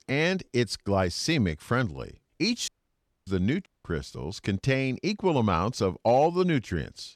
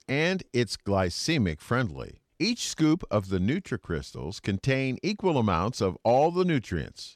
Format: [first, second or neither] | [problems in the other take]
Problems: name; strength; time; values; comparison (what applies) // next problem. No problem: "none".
second | audio cutting out; at 2.5 s for 0.5 s and at 3.5 s